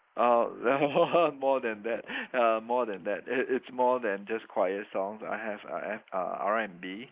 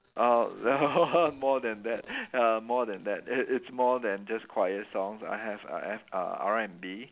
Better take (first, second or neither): second